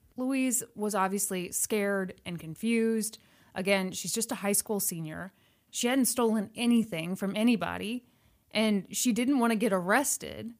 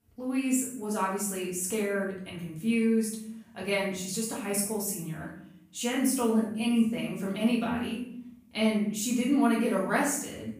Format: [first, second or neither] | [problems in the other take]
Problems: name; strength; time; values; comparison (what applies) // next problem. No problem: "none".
first | room echo; noticeable; dies away in 0.6 s // off-mic speech; far